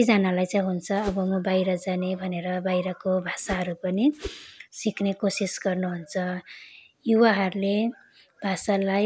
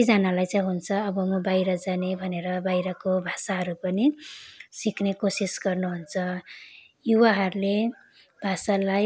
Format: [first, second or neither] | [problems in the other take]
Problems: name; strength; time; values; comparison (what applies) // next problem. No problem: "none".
second | background sound (Whoosh, swoosh, swish); 12 dB below the speech